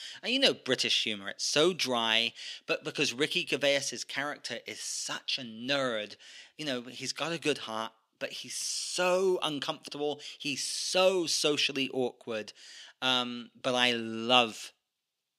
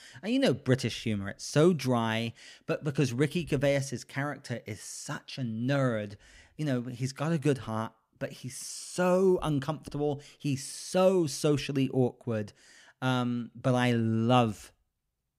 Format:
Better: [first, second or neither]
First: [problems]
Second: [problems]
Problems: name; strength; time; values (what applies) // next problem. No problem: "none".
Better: second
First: thin; somewhat; fading below 350 Hz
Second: none